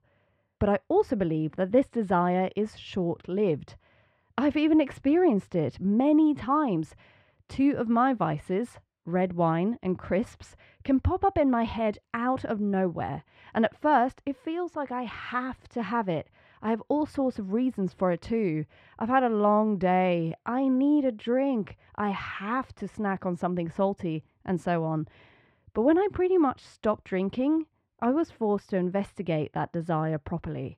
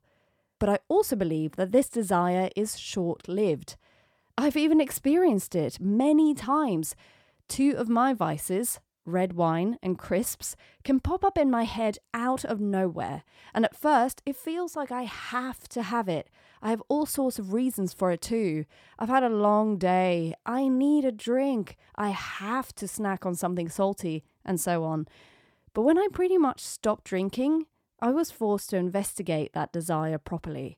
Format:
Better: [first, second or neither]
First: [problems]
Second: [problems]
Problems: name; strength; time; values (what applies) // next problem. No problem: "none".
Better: second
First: muffled; slightly; fading above 2.5 kHz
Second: none